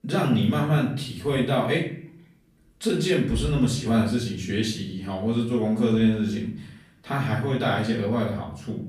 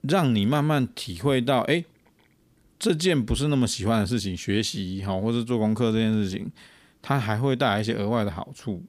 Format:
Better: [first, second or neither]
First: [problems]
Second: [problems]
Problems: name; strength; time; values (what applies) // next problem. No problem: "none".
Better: second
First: off-mic speech; far // room echo; slight; dies away in 0.5 s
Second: none